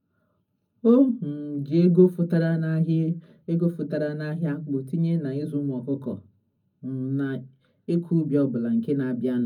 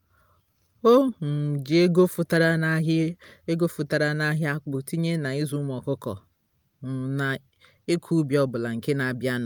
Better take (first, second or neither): second